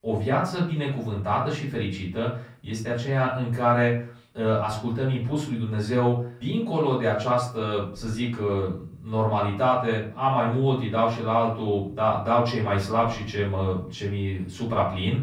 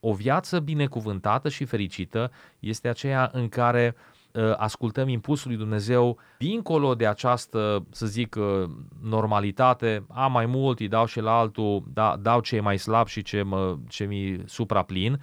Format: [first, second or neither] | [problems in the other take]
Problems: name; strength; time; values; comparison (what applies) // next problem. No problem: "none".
second | room echo; slight; dies away in 0.4 s // off-mic speech; far